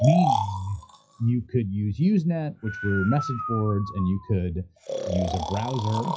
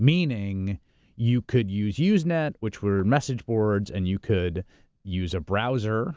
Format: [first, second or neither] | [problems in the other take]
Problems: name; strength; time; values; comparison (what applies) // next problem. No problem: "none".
second | noise reduction (classical method WPE with log-MMSE)